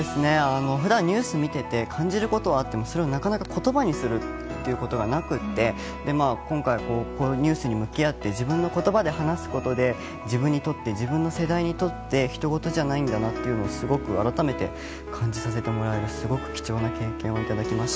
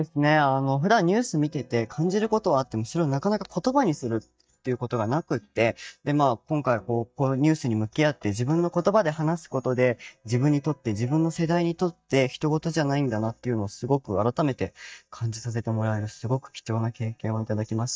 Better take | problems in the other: first | noise reduction (neural mask model DeepFilterNet 3)

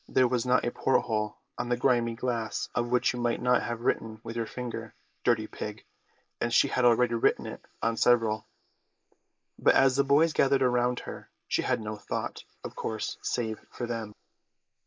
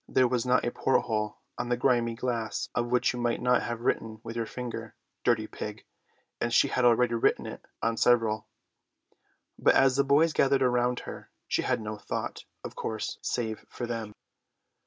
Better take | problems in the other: second | noise reduction (neural mask model Resemble Enhance denoiser)

